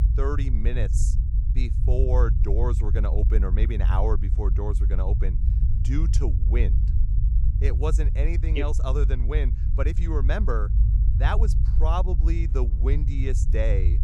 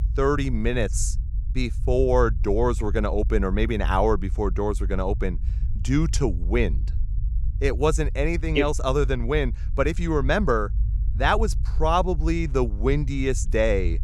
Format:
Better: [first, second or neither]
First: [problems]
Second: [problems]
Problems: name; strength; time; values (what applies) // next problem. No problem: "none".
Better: second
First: low rumble; loud; throughout; 9 dB below the speech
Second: low rumble; faint; throughout; 20 dB below the speech